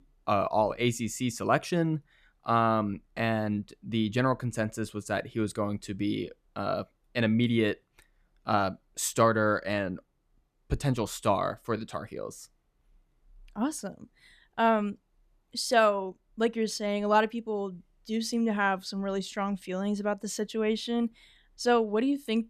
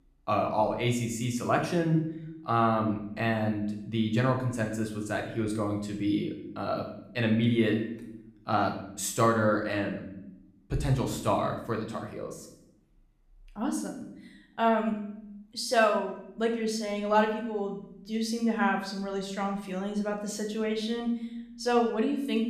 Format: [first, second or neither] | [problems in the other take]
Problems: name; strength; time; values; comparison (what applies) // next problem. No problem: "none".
first | room echo; slight; dies away in 0.7 s // off-mic speech; somewhat distant